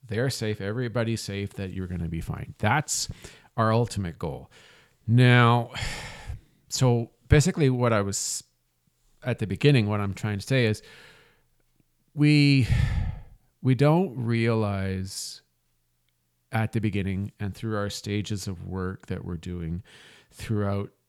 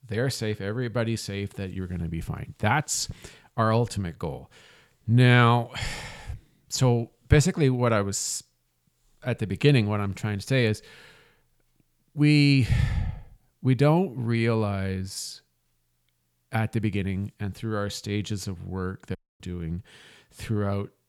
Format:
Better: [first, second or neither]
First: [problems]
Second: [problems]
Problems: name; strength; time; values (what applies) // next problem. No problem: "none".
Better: first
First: none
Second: audio cutting out; at 19 s